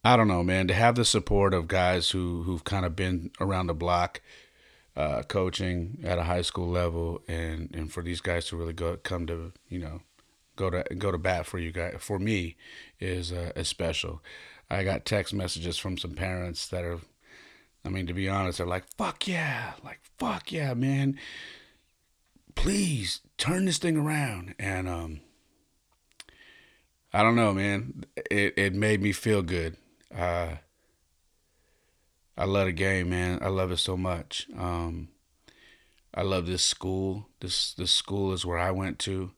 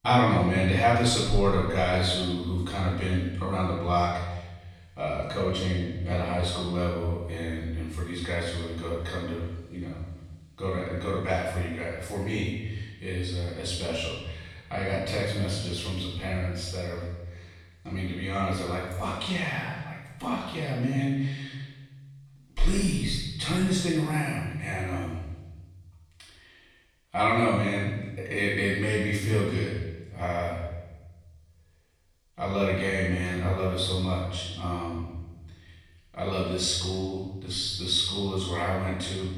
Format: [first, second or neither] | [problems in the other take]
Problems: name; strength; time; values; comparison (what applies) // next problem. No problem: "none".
first | off-mic speech; far // room echo; strong; dies away in 1.2 s